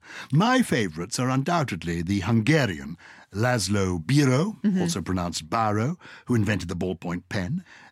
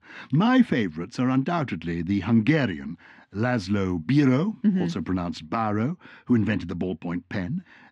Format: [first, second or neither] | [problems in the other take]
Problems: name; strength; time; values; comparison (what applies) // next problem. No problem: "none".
first | muffled; slightly; fading above 3 kHz